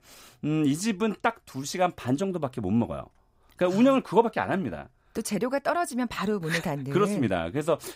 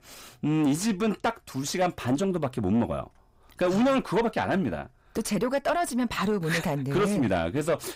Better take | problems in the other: first | distortion; heavy; 7 dB below the speech

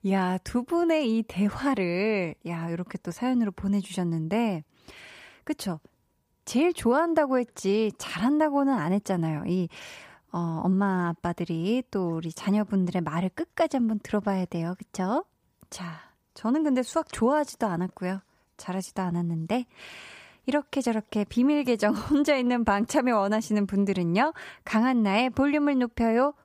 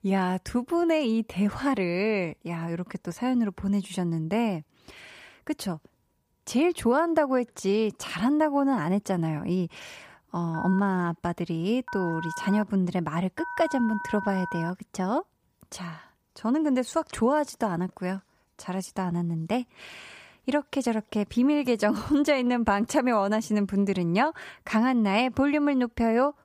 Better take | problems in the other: first | phone ringing; noticeable; from 11 to 15 s; peak 8 dB below the speech

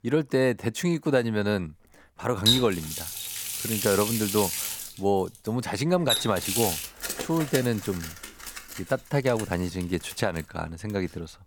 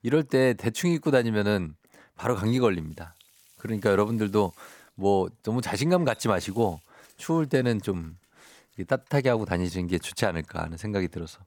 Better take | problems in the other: second | household noises; loud; throughout; 2 dB below the speech; faint in the second

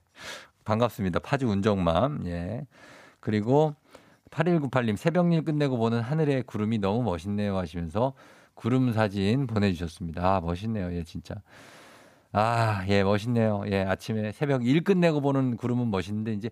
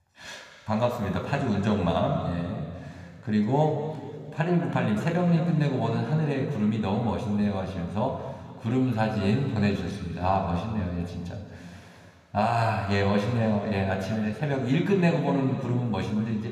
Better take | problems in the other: first | room echo; noticeable; dies away in 2.4 s

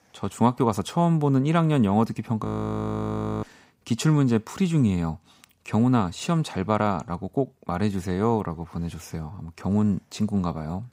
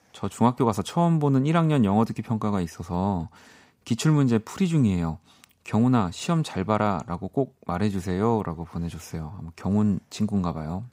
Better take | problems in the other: second | audio freezing; at 2.5 s for 1 s

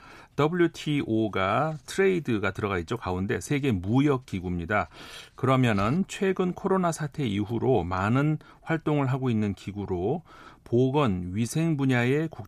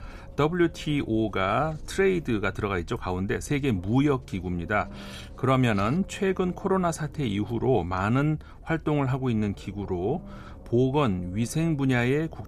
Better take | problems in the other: first | low rumble; faint; throughout; 25 dB below the speech

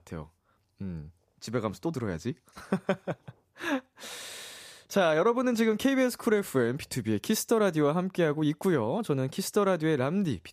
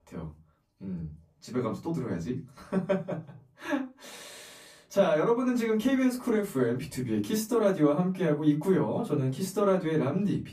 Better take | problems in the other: first | off-mic speech; far // room echo; very slight; dies away in 0.3 s

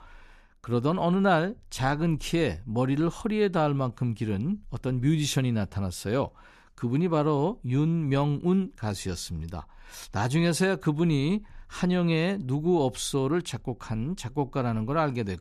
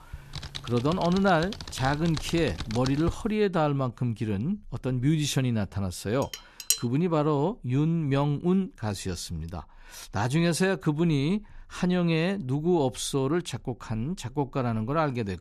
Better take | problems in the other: first | keyboard typing; noticeable; until 3 s; peak 7 dB below the speech // clattering dishes; loud; at 6.5 s; peak level with the speech

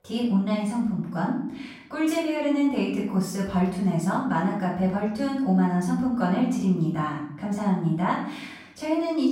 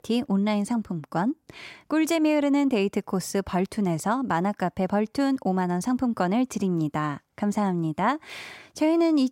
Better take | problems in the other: second | off-mic speech; far // room echo; noticeable; dies away in 0.6 s

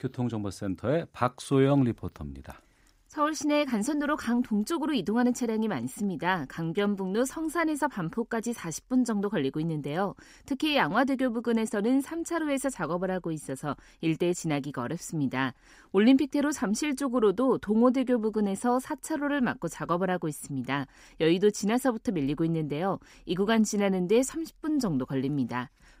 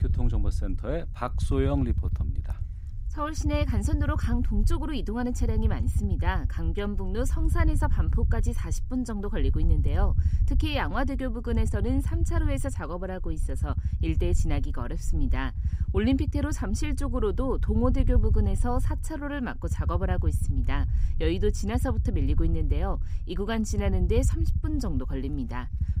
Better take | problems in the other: first | low rumble; noticeable; throughout; 15 dB below the speech

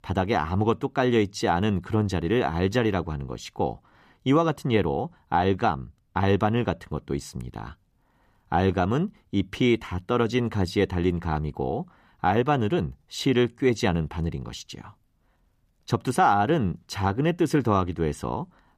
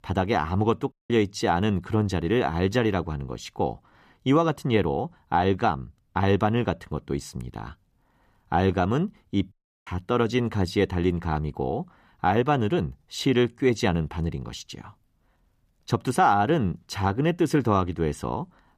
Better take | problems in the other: first | audio cutting out; at 1 s and at 9.5 s

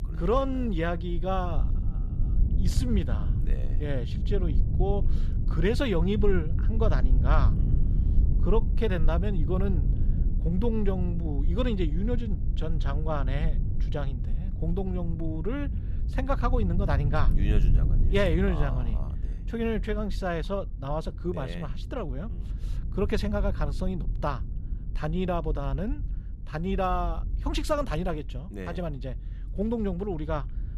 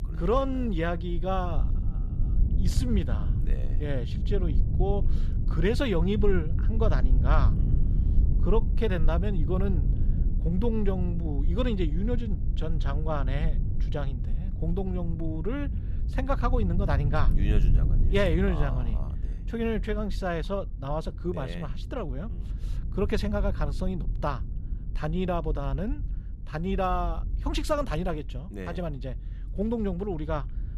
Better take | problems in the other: neither | low rumble; noticeable; throughout; 15 dB below the speech; the same in both

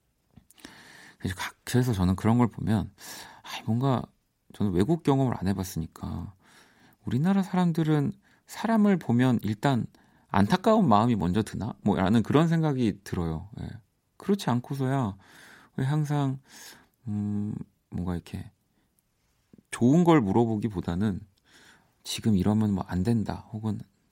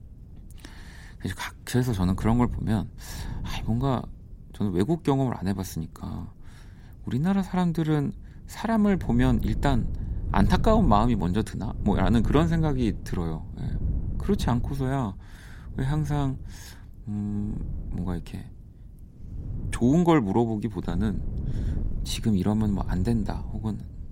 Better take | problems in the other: first | wind noise on the microphone; occasional gusts; 15 dB below the speech

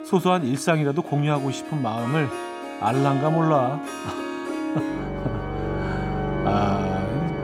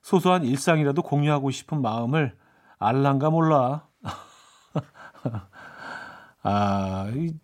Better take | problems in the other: second | background music; loud; throughout; 5 dB below the speech

